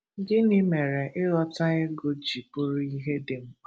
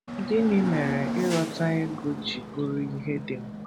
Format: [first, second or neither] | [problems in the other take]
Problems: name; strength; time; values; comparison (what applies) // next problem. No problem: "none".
first | background sound (Hiss / Bus / Engine); 6 dB below the speech